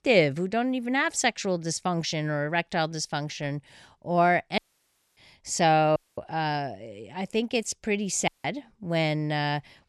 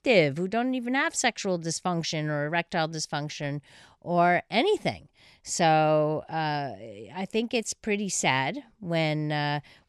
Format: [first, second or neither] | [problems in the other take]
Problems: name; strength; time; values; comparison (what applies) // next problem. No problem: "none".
second | audio cutting out; at 4.5 s for 0.5 s, at 6 s and at 8.5 s